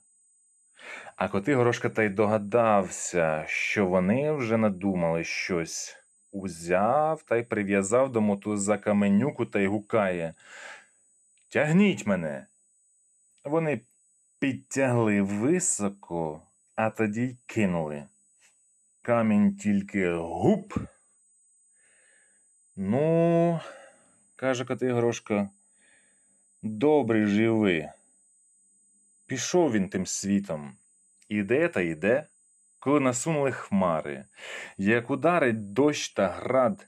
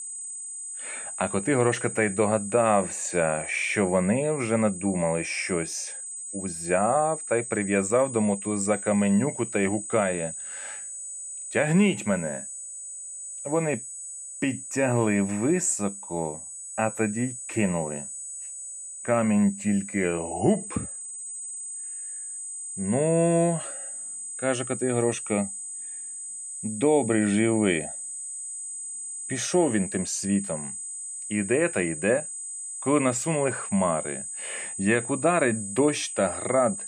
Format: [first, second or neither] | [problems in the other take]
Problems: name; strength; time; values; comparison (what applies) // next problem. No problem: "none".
first | high-pitched whine; loud; throughout; 8 kHz, 8 dB below the speech; faint in the first